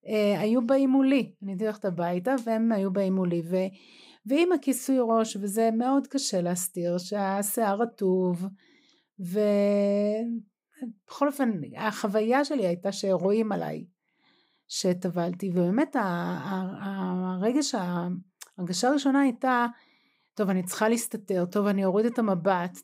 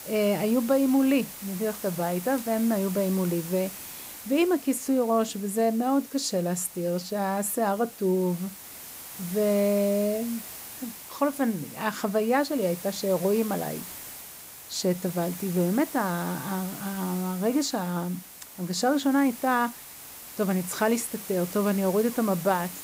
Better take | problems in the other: first | hiss; noticeable; throughout; 10 dB below the speech

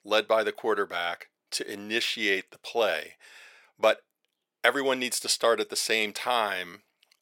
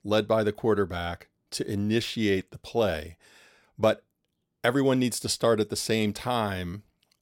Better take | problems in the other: second | thin; somewhat; fading below 500 Hz

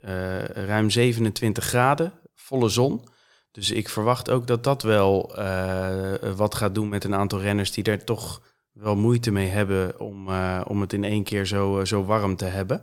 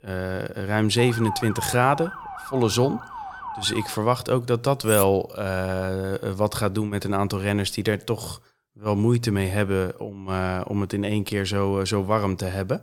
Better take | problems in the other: first | siren; noticeable; from 1 to 4 s; peak 7 dB below the speech // clattering dishes; noticeable; at 5 s; peak 3 dB below the speech

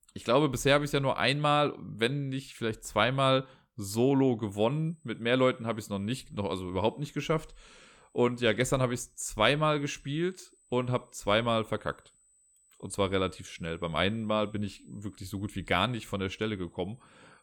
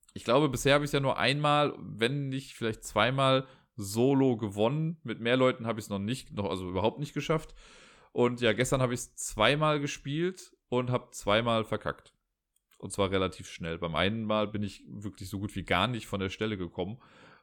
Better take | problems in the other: second | high-pitched whine; faint; from 4.5 s on; 8 kHz, 35 dB below the speech

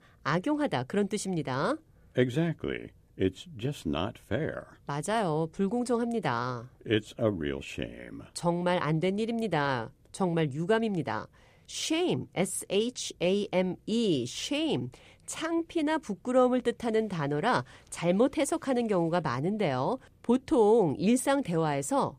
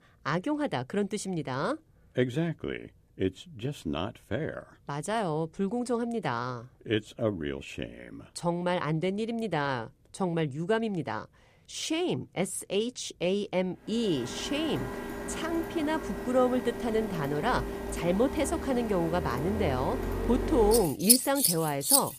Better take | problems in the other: first | household noises; loud; from 14 s on; as loud as the speech

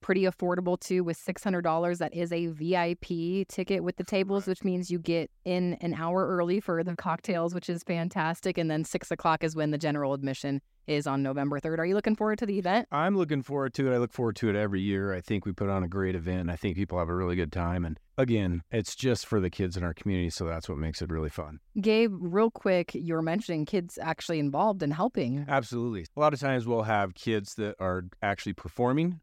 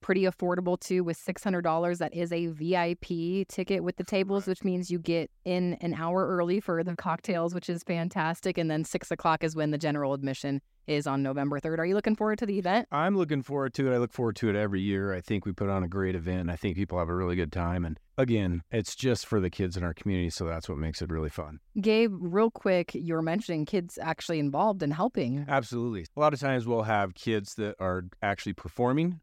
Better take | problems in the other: neither | none

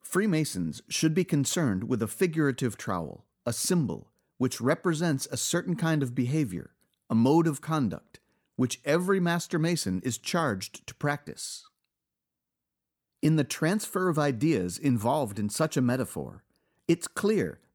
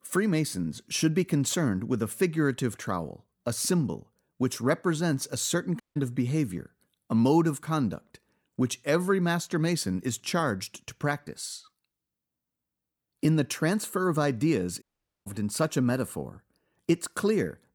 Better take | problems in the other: first | audio cutting out; at 6 s and at 15 s

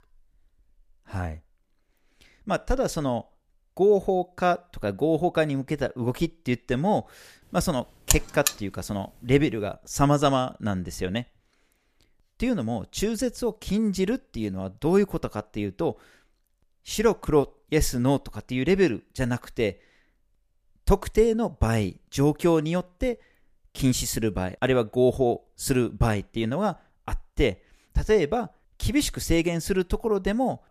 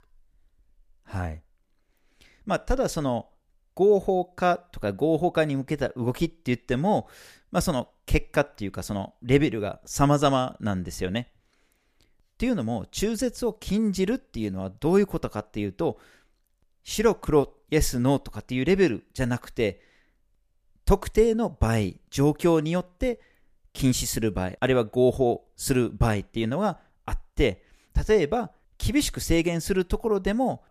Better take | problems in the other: second | alarm; loud; at 8 s; peak 1 dB above the speech

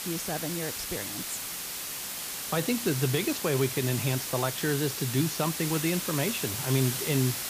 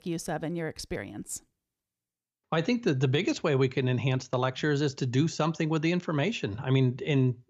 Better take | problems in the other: second | hiss; loud; throughout; 2 dB below the speech

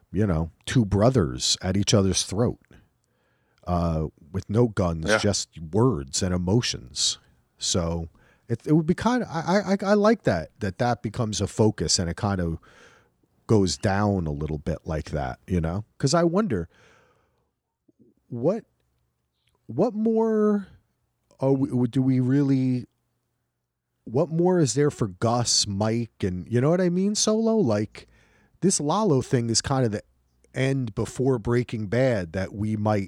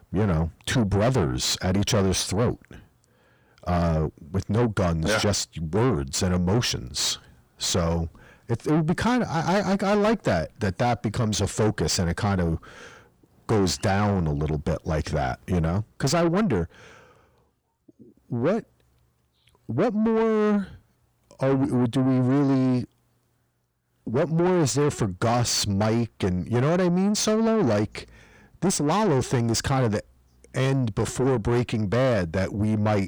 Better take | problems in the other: first | distortion; heavy; 8 dB below the speech

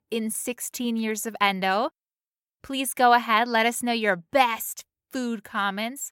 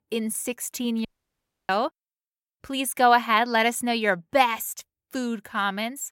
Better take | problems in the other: first | audio cutting out; at 1 s for 0.5 s

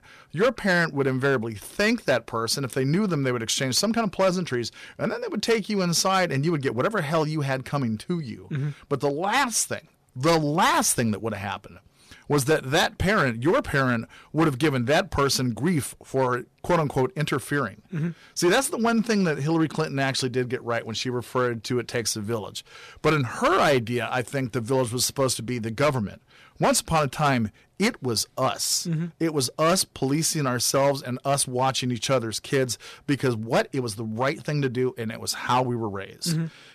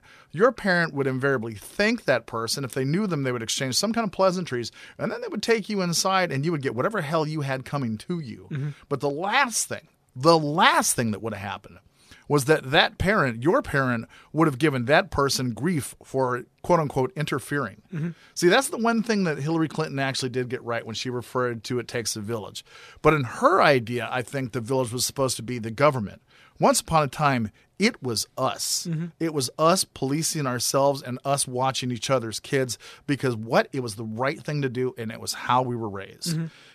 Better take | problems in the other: second | distortion; slight; 4% of the sound clipped

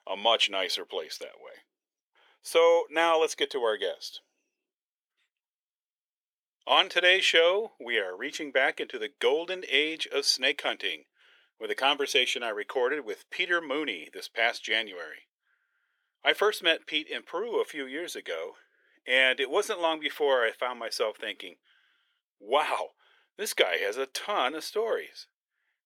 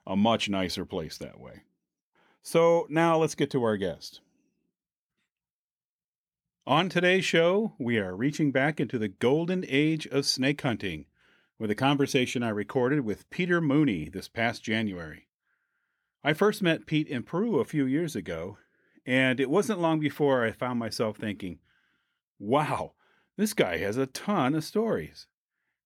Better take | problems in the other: second | thin; very; fading below 450 Hz

